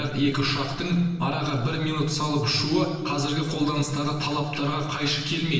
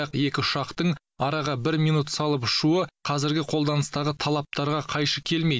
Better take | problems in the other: second | noise reduction (neural separator model SepFormer DNS4)

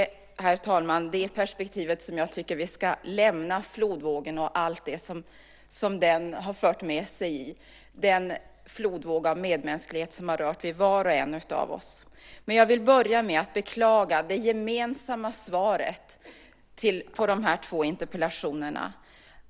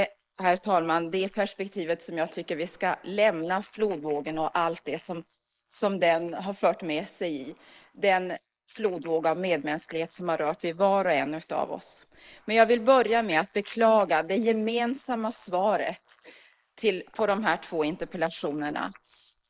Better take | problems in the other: first | noise reduction (neural mask model Resemble Enhance denoiser)

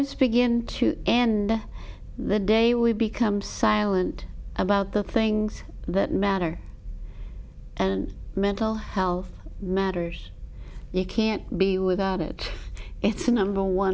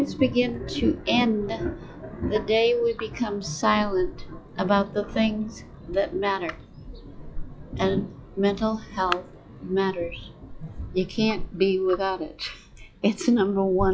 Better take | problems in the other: first | noise reduction (classical method log-MMSE)

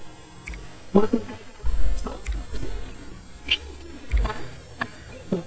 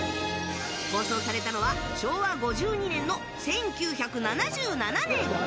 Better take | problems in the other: second | noise reduction (neural mask model DeepFilterNet 3)

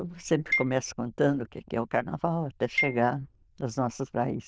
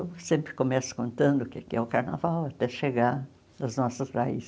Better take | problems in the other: second | noise reduction (neural diffusion model UNIVERSE++)

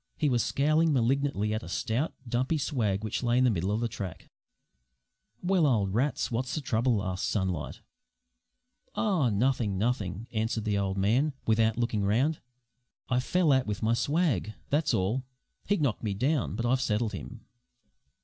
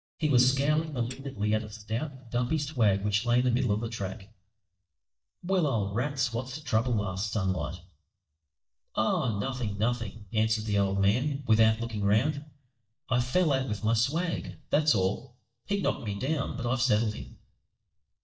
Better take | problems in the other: first | noise reduction (neural mask model DeepFilterNet 3)

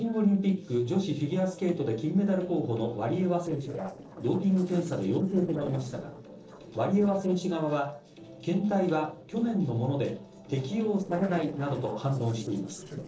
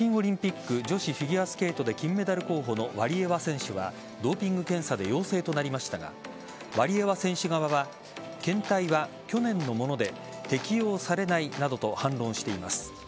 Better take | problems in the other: second | noise reduction (neural separator model SepFormer DNS4)

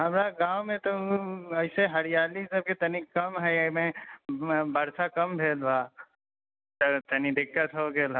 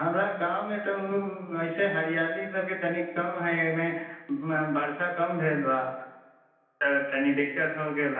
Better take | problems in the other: first | room echo; dies away in 0.9 s

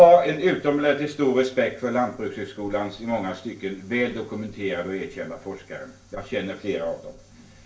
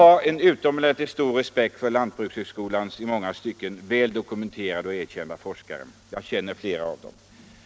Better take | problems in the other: second | room echo; dies away in 0.3 s

